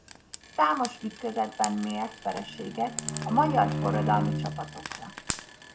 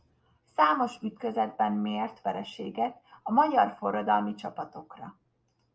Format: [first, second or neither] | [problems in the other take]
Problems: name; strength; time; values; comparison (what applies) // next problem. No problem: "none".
second | background sound (Bowed string instrument + Frying (food)); 4 dB below the speech